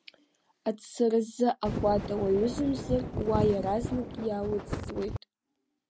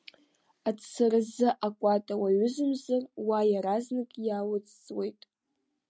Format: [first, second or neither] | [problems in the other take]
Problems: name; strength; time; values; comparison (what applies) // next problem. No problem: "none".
second | background sound (Wind); 4 dB below the speech